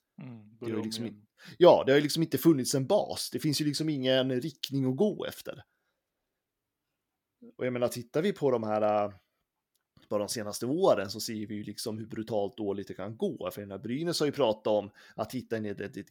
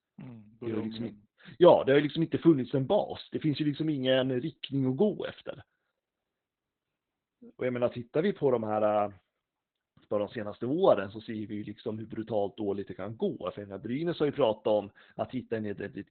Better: first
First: none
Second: garbled, watery; badly; nothing above 4 kHz

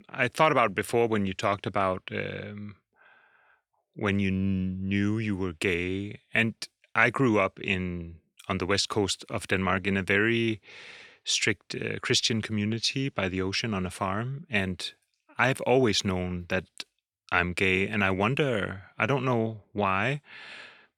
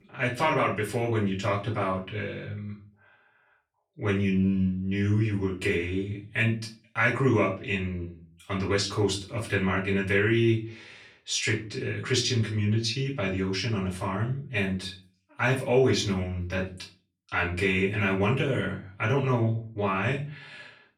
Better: first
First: none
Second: off-mic speech; far // room echo; slight; dies away in 0.4 s

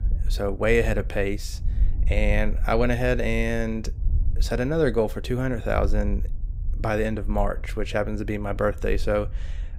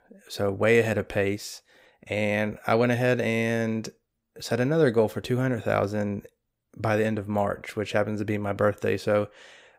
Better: second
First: low rumble; faint; throughout; 25 dB below the speech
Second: none

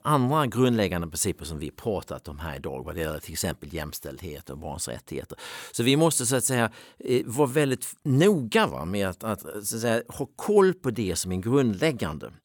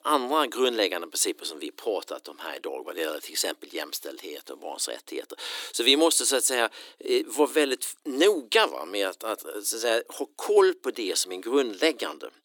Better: first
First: none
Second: thin; somewhat; fading below 300 Hz

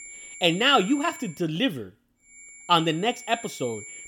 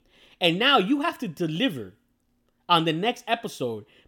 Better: second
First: high-pitched whine; noticeable; until 1.5 s and from 2.5 s on; 2.5 kHz, 15 dB below the speech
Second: none

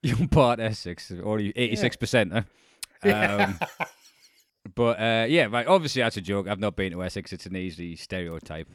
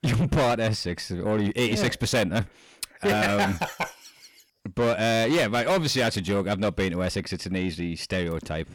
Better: first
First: none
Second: distortion; heavy; 6 dB below the speech

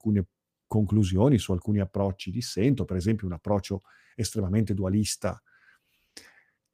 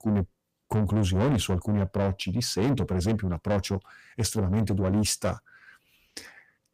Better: first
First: none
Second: distortion; heavy; 7 dB below the speech

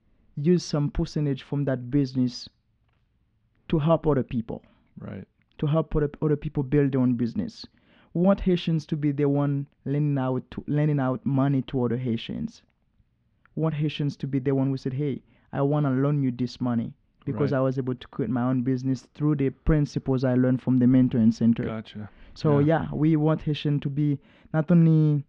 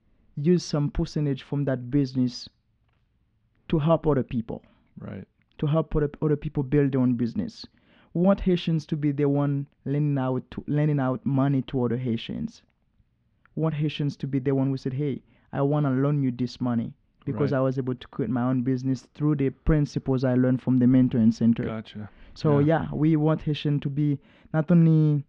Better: neither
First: muffled; very; fading above 3 kHz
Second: muffled; very; fading above 3 kHz

